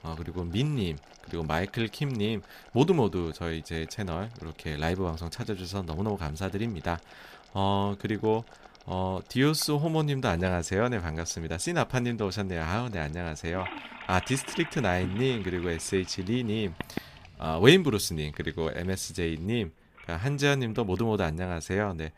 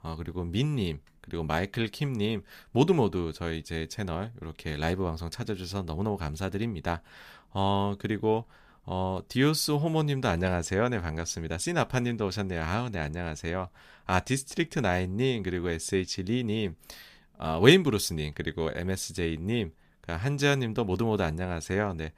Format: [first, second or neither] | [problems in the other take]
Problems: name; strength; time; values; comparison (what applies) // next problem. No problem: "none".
second | household noises; noticeable; throughout; 20 dB below the speech